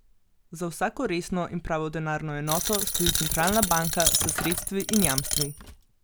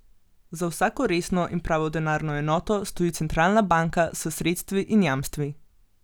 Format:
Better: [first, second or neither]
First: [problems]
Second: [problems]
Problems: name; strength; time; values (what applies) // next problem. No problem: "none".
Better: second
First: background sound (Coin (dropping)); 1 dB above the speech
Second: none